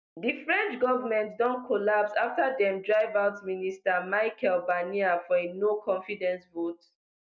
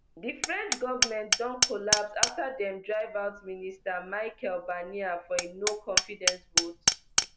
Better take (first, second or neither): first